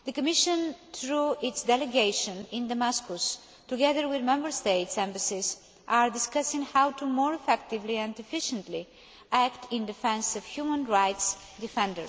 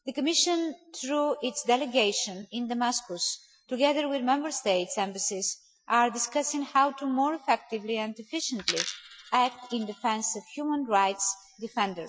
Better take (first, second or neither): first